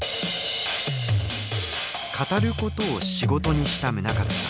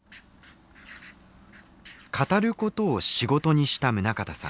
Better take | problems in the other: second | background sound (Drum kit); 2 dB above the speech

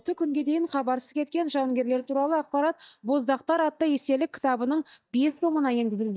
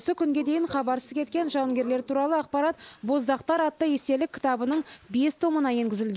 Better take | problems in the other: second | noise reduction (neural mask model DeepFilterNet 3)

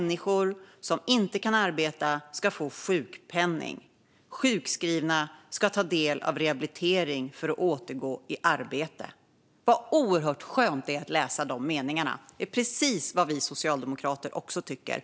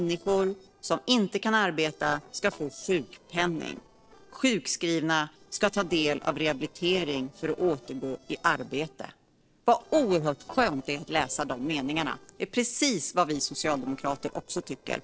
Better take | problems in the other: first | noise reduction (neural separator model SepFormer DNS4)

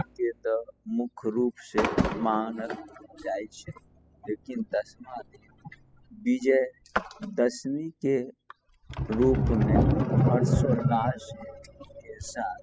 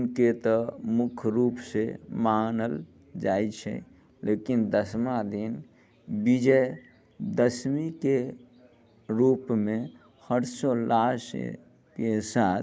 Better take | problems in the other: second | noise reduction (classical method spectral subtraction)

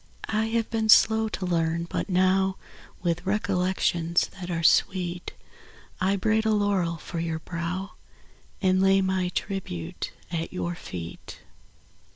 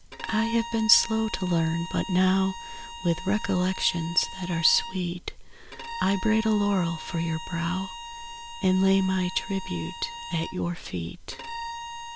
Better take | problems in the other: first | background sound (Bowed string instrument); 12 dB below the speech

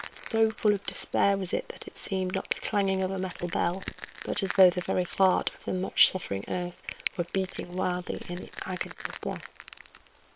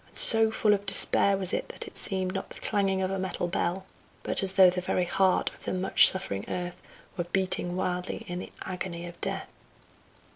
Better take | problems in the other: second | noise reduction (neural separator model SepFormer WHAM!)

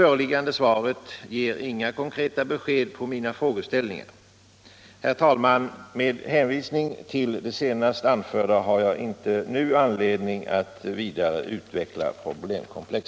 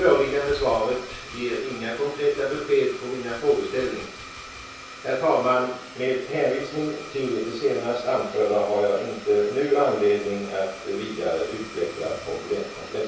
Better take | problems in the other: first | background sound (Domestic sounds, home sounds); 15 dB below the speech // room echo; dies away in 0.6 s

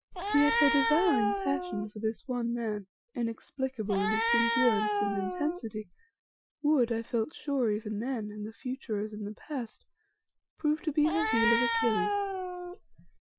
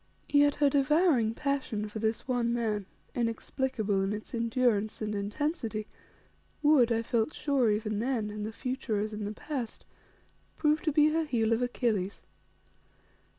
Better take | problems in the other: second | noise reduction (classical method Wiener filter)

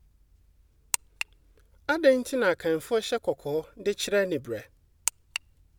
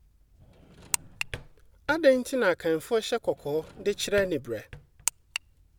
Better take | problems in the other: first | background sound (Drawer open or close); 19 dB below the speech

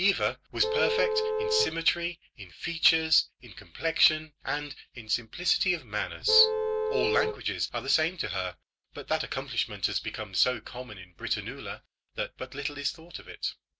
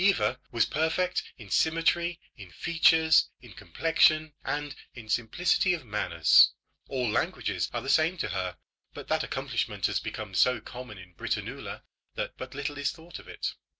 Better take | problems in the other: second | background sound (Vehicle horn, car horn, honking); 1 dB above the speech

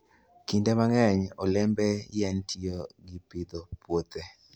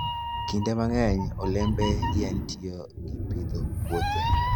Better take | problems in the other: first | background sound (Meow); 2 dB above the speech

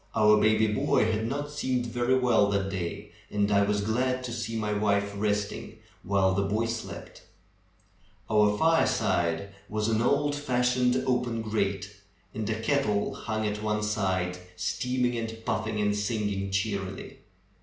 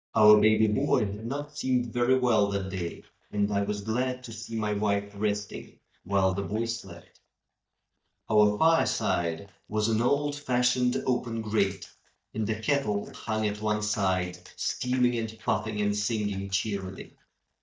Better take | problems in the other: first | noise reduction (neural mask model DeepFilterNet 3)

